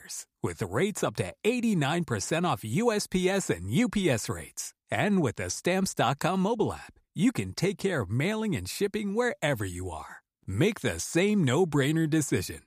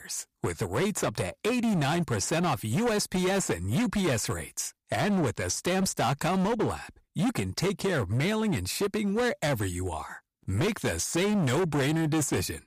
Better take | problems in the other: first | distortion; heavy; 20% of the sound clipped

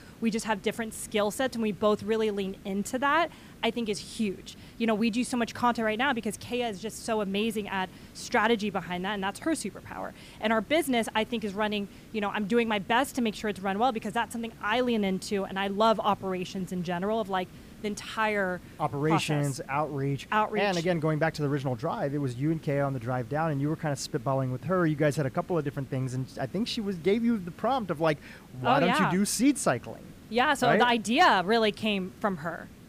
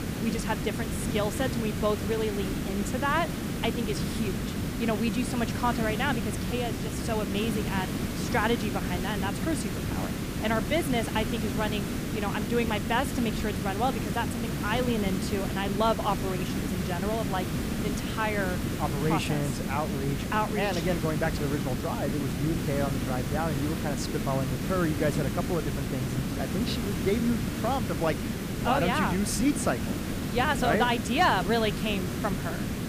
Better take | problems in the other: first | hiss; loud; throughout; 1 dB below the speech; faint in the first

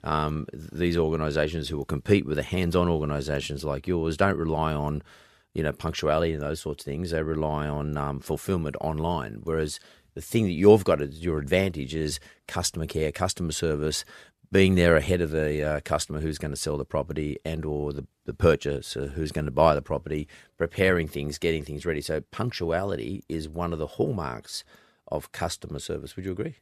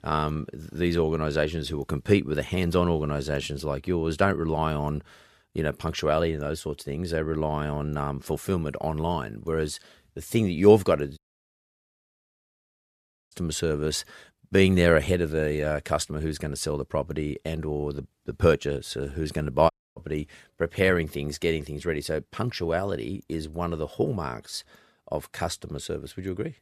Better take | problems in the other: first | audio cutting out; at 11 s for 2 s and at 20 s

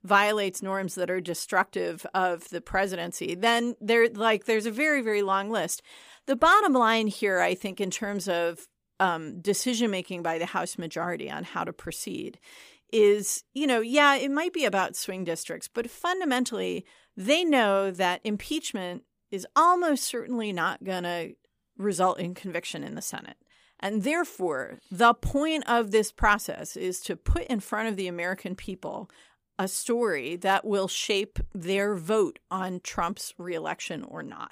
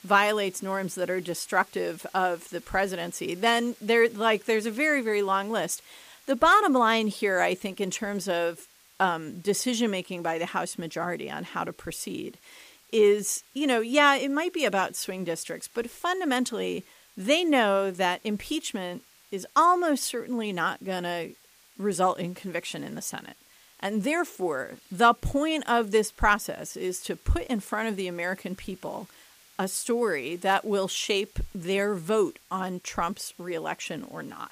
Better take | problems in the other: first | hiss; faint; throughout; 25 dB below the speech

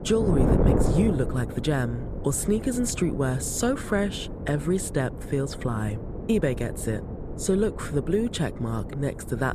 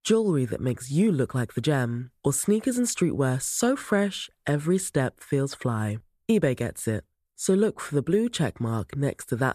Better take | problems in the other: second | wind noise on the microphone; heavy; 6 dB below the speech

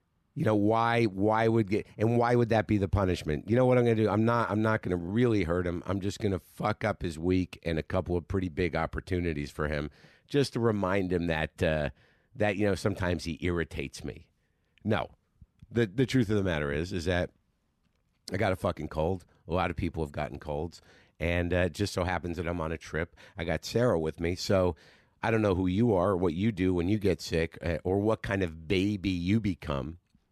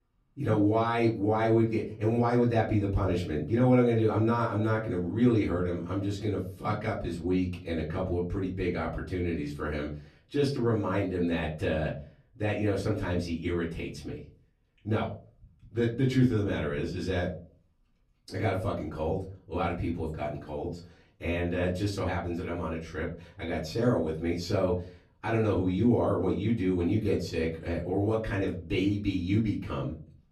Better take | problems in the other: first | off-mic speech; far // room echo; very slight; dies away in 0.4 s

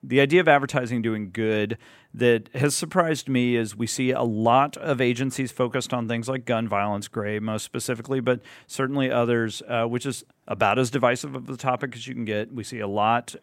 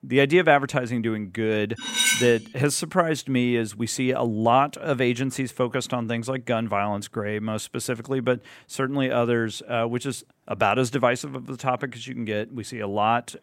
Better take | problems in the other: first | clattering dishes; loud; at 2 s; peak 4 dB above the speech

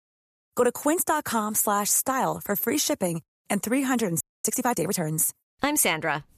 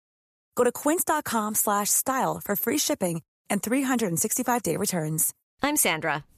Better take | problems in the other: second | audio freezing; at 4 s

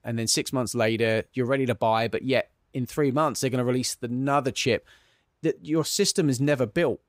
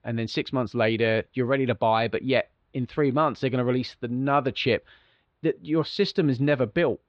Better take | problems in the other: first | muffled; slightly; fading above 4 kHz

